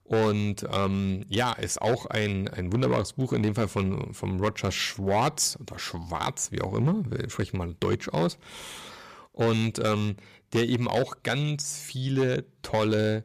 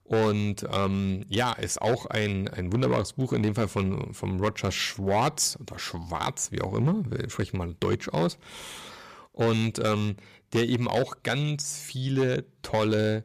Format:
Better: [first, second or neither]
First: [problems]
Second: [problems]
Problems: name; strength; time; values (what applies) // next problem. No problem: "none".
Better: neither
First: distortion; slight; 5% of the sound clipped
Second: distortion; slight; 5% of the sound clipped